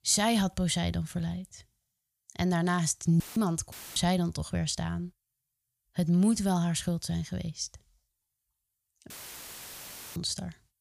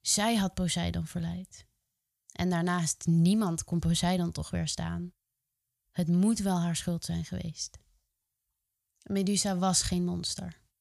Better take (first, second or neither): second